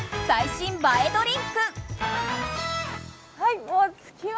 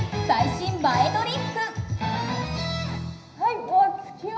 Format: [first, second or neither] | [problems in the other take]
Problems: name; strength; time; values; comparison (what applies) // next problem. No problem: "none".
first | room echo; dies away in 0.9 s